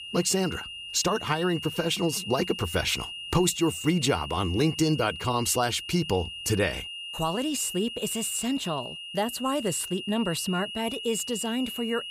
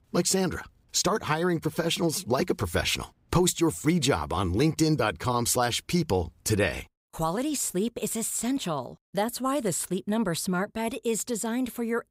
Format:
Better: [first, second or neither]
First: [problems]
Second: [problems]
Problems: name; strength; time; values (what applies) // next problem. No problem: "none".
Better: second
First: high-pitched whine; loud; throughout; 3 kHz, 8 dB below the speech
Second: none